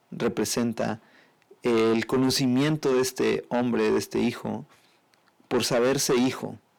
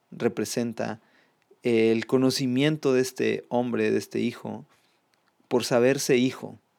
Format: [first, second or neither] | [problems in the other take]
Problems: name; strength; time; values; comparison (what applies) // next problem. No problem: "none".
second | distortion; heavy; 7 dB below the speech